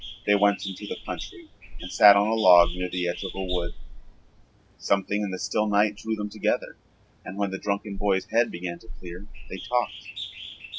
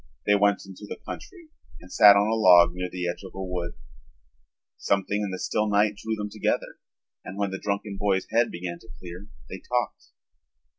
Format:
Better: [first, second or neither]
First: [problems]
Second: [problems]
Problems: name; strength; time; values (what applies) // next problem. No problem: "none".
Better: second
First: background sound (Bird); 16 dB below the speech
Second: none